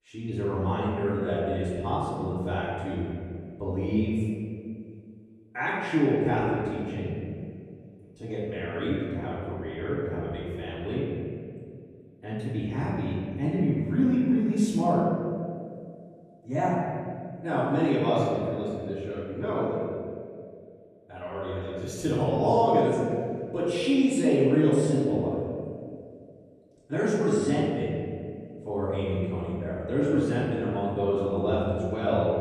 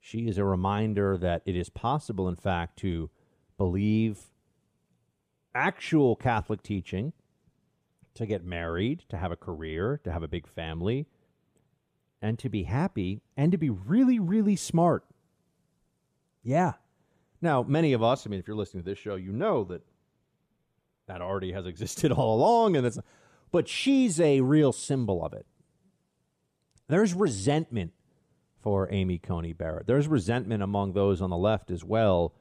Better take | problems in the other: second | off-mic speech; far // room echo; strong; dies away in 2.1 s

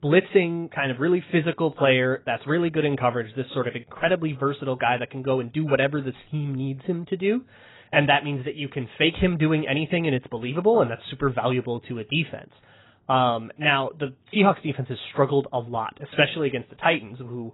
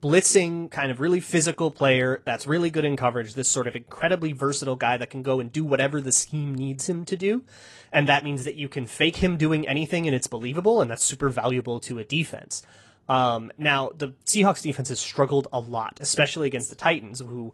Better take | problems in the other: second | garbled, watery; badly; nothing above 4 kHz; slightly in the second

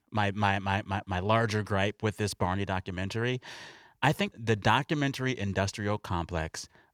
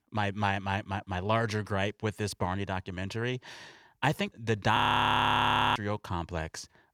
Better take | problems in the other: first | audio freezing; at 5 s for 1 s

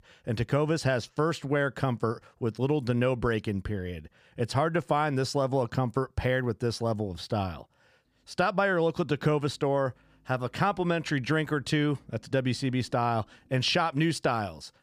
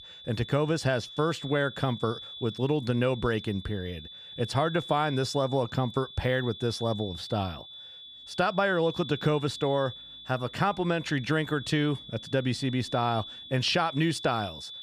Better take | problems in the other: first | high-pitched whine; noticeable; throughout; 3.5 kHz, 10 dB below the speech

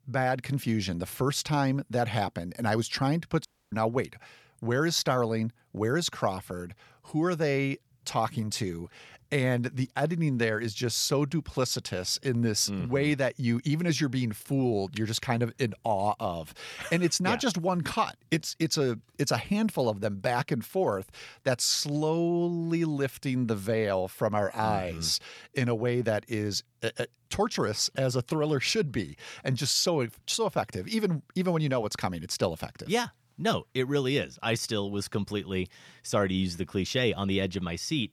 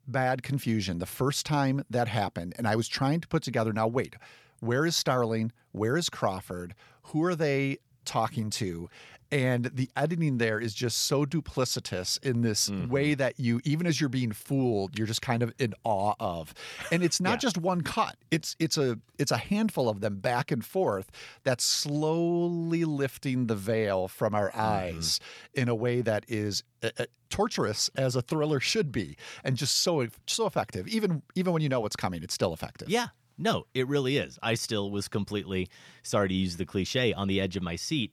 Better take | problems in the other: second | audio cutting out; at 3.5 s

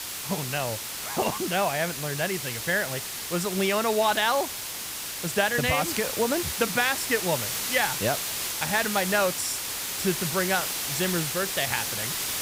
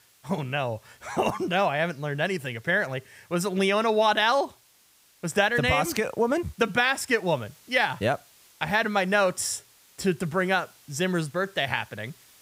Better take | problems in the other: second | hiss; loud; throughout; 2 dB below the speech; faint in the second

